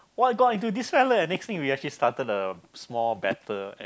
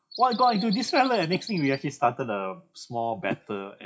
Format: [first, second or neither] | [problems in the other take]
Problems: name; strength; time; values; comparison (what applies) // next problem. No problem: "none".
first | noise reduction (classical method WPE with log-MMSE)